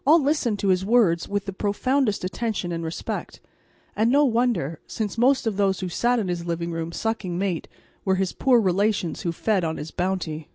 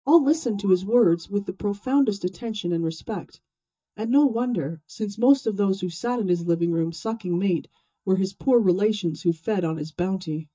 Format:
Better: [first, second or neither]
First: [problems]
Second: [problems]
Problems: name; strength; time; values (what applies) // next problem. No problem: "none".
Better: first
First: none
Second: noise reduction (neural mask model DeepFilterNet 3)